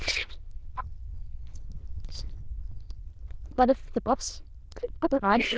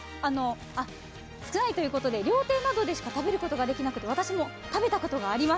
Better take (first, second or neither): second